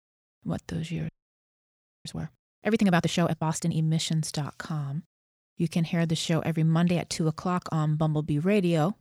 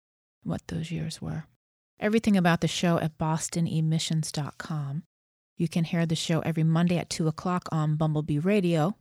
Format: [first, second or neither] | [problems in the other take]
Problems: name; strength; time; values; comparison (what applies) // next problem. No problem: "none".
second | audio freezing; at 1 s for 1 s